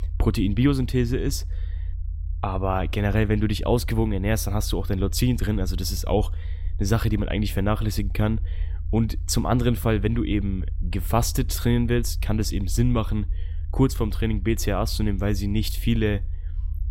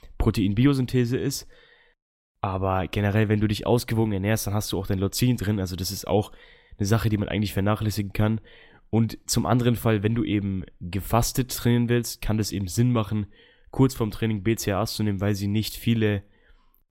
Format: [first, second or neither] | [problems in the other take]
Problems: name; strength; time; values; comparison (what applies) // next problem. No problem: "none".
second | low rumble; faint; throughout; 25 dB below the speech